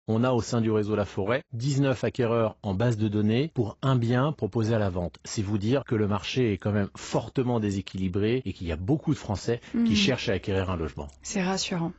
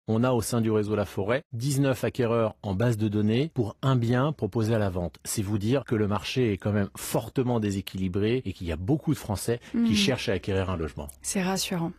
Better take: second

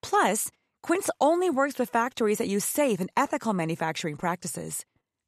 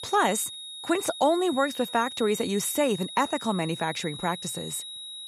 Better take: first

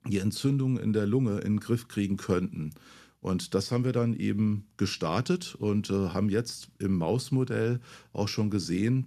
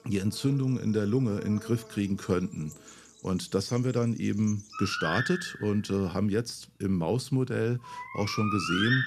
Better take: first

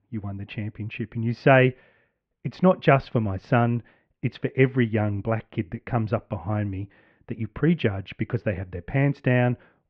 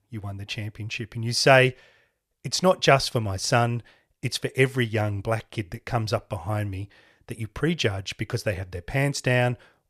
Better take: second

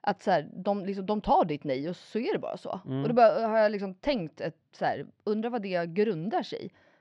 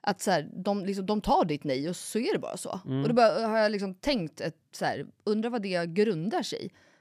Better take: second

